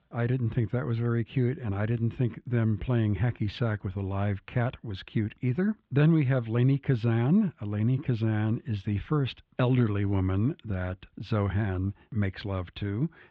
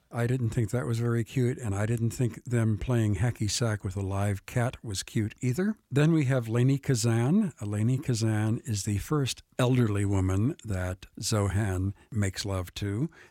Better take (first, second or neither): second